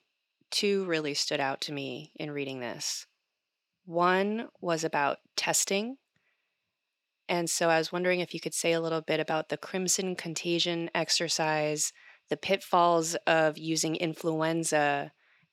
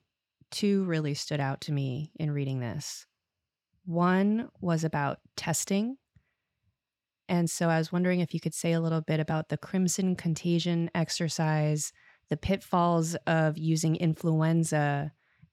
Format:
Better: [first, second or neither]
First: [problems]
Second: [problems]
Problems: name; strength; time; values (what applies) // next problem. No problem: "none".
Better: second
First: thin; somewhat; fading below 400 Hz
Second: none